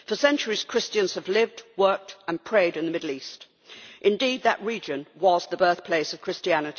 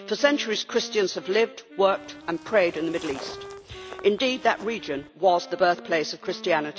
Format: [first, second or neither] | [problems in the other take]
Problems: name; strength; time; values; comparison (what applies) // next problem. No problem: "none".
first | background sound (Walk, footsteps + Wind instrument, woodwind instrument); 17 dB below the speech